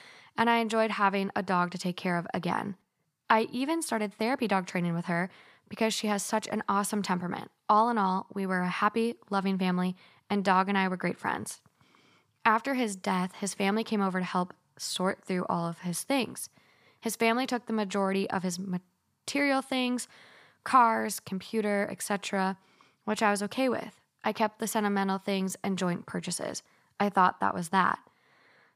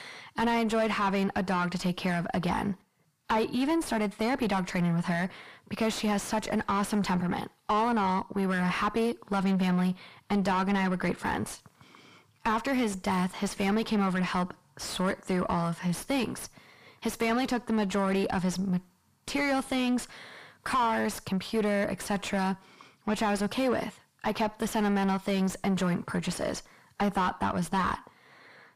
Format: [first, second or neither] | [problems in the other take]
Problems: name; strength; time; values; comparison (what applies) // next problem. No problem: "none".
first | distortion; heavy; 4 dB below the speech